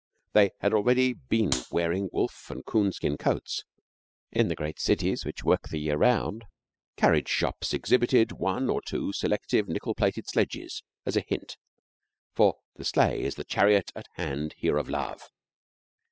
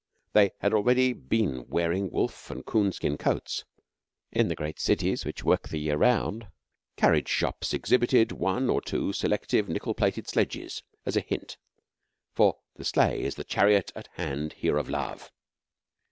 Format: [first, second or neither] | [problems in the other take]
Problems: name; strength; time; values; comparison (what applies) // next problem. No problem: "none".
second | noise reduction (classical method spectral subtraction)